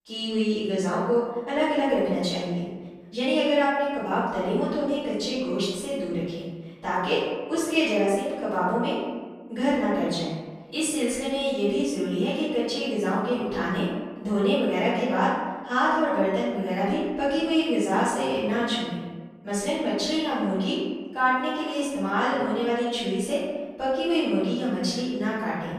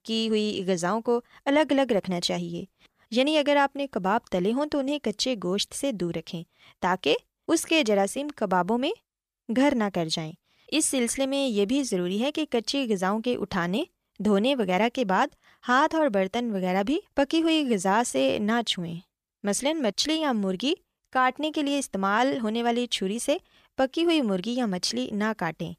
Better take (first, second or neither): second